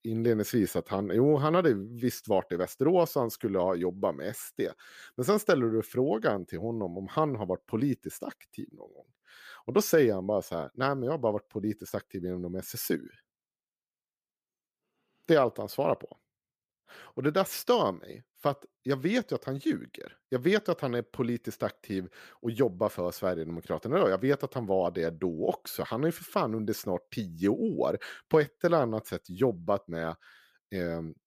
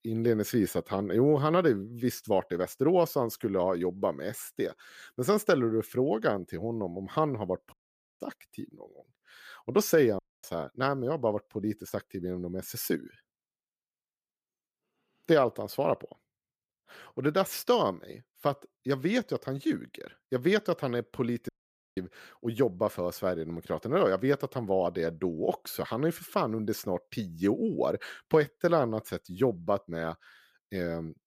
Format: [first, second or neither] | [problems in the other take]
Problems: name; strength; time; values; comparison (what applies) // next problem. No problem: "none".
first | audio cutting out; at 7.5 s, at 10 s and at 21 s